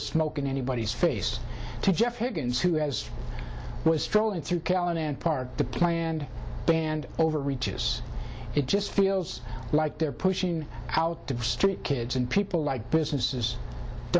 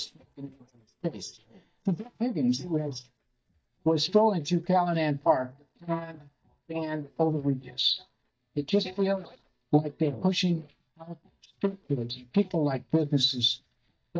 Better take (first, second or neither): first